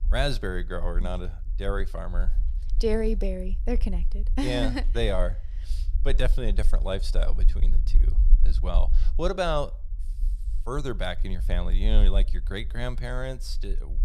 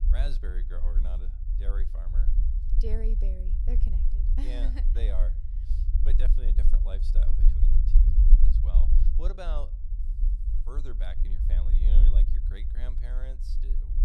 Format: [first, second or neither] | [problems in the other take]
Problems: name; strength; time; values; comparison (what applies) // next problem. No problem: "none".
first | low rumble; loud; throughout; 4 dB below the speech; faint in the first